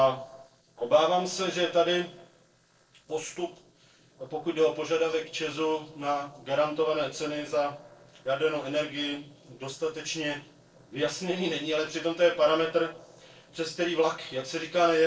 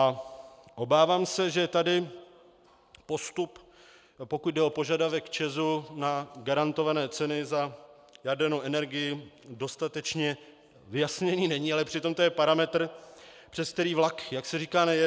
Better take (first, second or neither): second